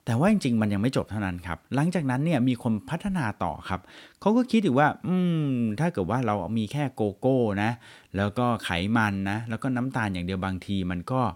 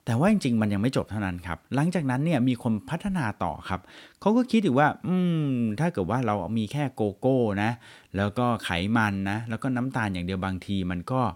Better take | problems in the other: neither | none

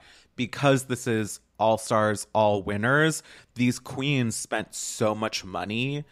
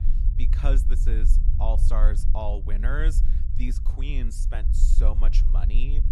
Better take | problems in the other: first | low rumble; loud; throughout; 9 dB below the speech

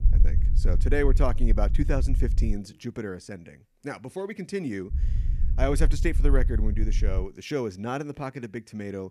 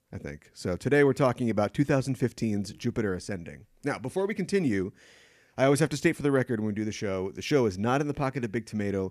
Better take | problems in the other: second | low rumble; noticeable; until 2.5 s and from 5 to 7 s; 15 dB below the speech

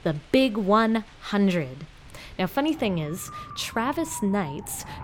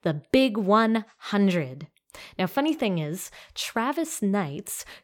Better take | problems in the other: second | wind in the background; noticeable; throughout; 20 dB below the speech

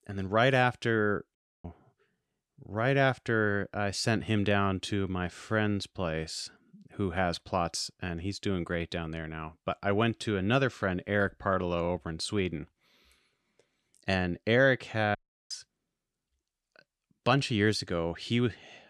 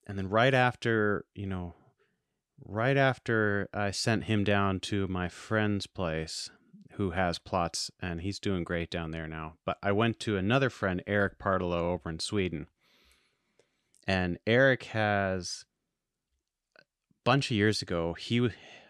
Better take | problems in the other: second | audio cutting out; at 1.5 s and at 15 s

